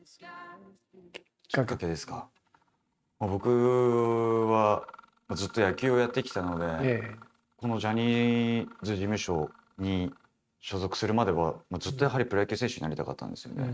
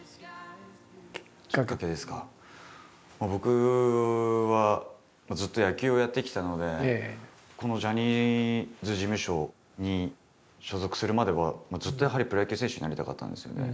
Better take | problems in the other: second | noise reduction (neural mask model RNNoise)

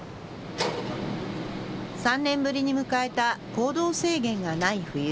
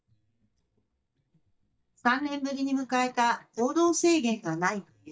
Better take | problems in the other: first | noise reduction (neural mask model DeepFilterNet 3)

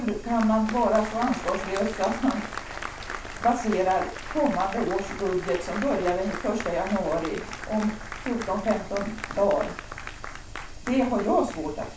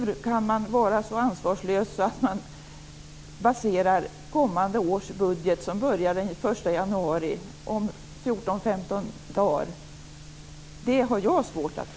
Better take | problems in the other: second | background sound (Applause); 11 dB below the speech // room echo; dies away in 0.3 s

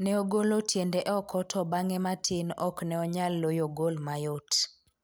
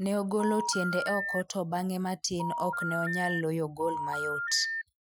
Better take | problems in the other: first | noise reduction (classical method Wiener filter)

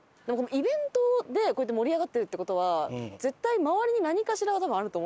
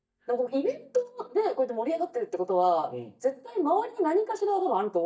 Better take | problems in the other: first | noise reduction (neural mask model DeepFilterNet 3)

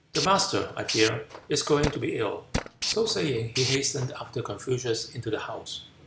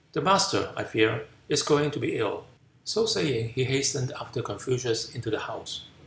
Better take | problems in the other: second | background sound (Tools + Tools); 6 dB below the speech

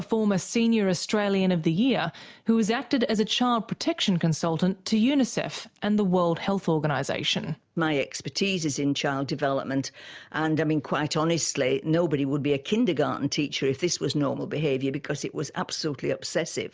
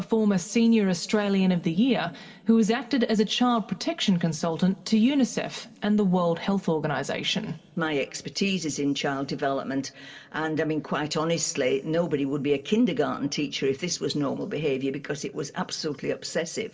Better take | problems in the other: first | room echo; dies away in 1.9 s

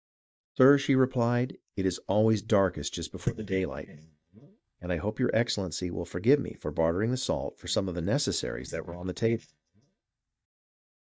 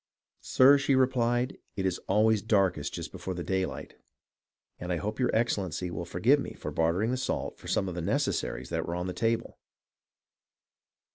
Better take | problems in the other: second | noise reduction (neural mask model DeepFilterNet 3)

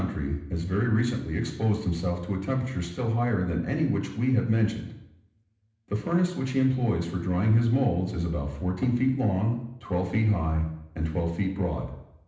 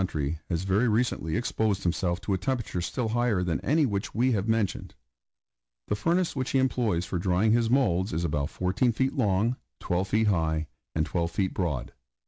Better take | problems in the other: second | room echo; dies away in 0.8 s

